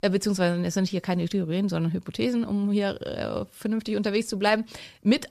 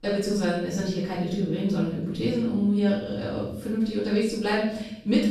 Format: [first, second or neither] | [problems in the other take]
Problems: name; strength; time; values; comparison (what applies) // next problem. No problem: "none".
first | off-mic speech; far // room echo; noticeable; dies away in 0.8 s